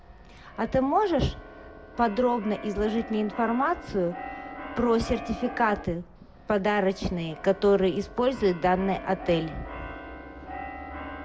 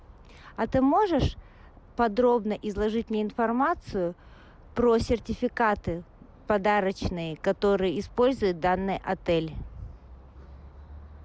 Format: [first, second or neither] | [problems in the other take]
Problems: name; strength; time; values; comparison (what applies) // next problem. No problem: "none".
second | background sound (Keyboard (musical)); 14 dB below the speech // room echo; dies away in 0.4 s